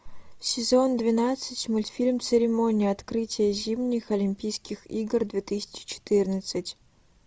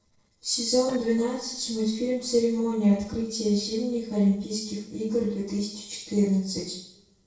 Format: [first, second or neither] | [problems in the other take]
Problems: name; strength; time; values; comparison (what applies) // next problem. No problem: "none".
first | noise reduction (neural separator model SepFormer DNS4)